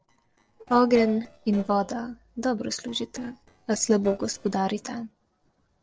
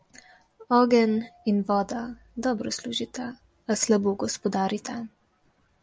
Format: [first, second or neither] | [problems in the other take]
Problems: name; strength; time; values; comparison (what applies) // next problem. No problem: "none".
second | noise reduction (neural separator model SepFormer DNS4)